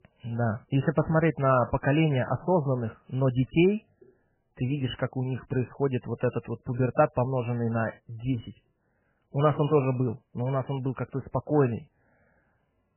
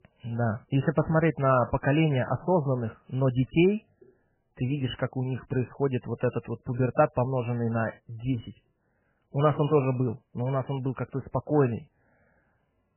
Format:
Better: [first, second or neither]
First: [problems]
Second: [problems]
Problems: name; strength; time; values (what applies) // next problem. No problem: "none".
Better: neither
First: garbled, watery; badly; nothing above 3 kHz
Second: garbled, watery; badly; nothing above 3 kHz